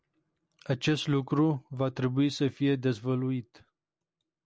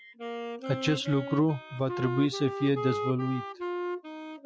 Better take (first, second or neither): first